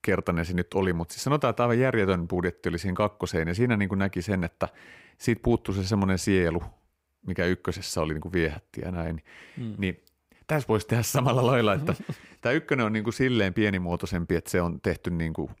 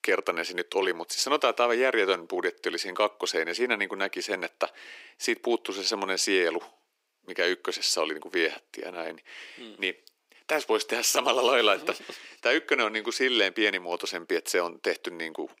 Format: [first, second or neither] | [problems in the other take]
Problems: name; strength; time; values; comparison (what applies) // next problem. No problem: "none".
first | thin; very; fading below 300 Hz